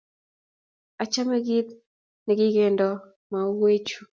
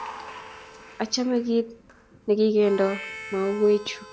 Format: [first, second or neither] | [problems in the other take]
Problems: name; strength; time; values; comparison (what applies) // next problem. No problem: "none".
first | background sound (Harmonica + Applause / Crowd); 16 dB below the speech